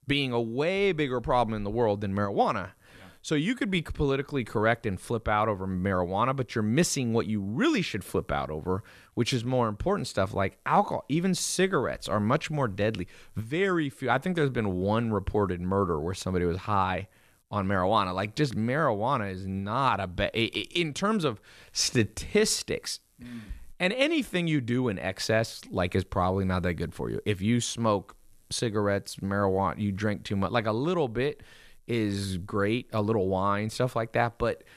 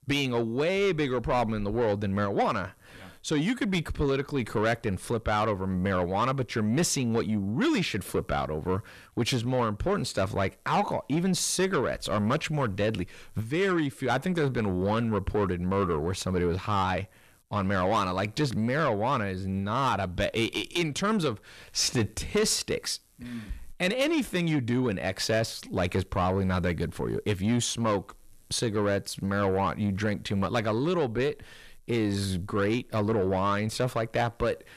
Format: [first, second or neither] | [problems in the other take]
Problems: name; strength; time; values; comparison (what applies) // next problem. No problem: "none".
first | distortion; slight; 10 dB below the speech